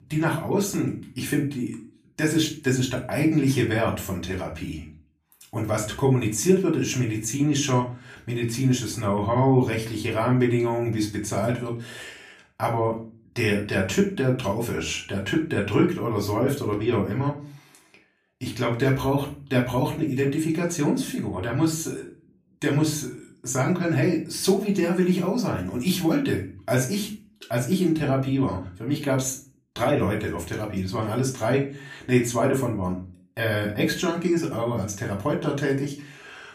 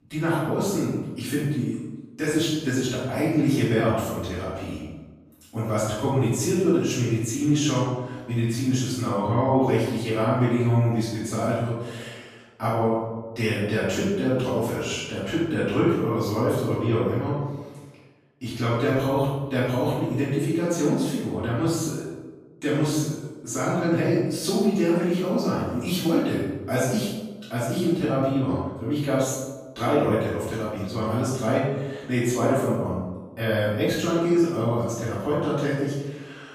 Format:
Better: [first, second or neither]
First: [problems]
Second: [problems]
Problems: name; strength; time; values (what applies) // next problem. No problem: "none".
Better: first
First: room echo; slight; dies away in 0.3 s // off-mic speech; far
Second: room echo; strong; dies away in 1 s // off-mic speech; far